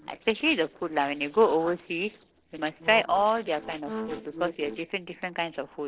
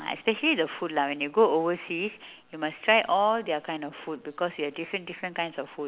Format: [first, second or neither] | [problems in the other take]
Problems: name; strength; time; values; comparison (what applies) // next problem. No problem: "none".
second | noise reduction (neural separator model SepFormer DNS4)